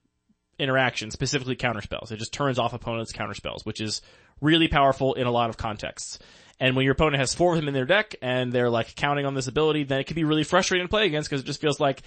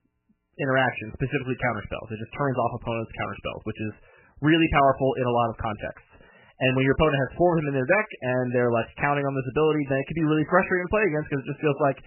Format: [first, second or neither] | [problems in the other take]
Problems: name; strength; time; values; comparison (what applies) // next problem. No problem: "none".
first | garbled, watery; badly; nothing above 3 kHz; slightly in the first